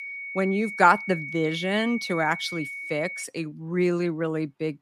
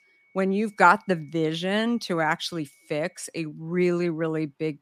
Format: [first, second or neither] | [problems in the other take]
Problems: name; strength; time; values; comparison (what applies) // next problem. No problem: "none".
second | high-pitched whine; loud; until 3 s; 2 kHz, 8 dB below the speech; faint in the second